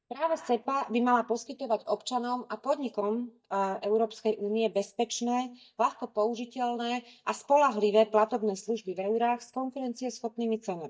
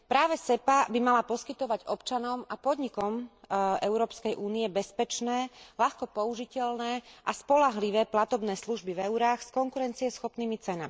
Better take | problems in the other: second | noise reduction (neural mask model DeepFilterNet 3)

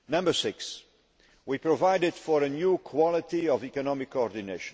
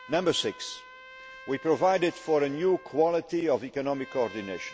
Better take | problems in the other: first | background sound (Trumpet); 20 dB below the speech

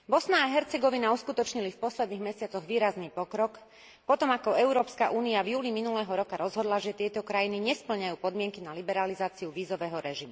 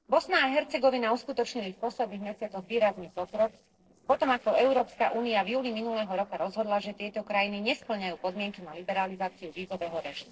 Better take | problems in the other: first | noise reduction (neural separator model SepFormer DNS4)

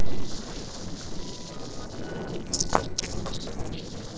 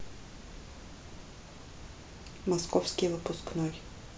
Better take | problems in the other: second | noise reduction (neural separator model SepFormer DNS4)

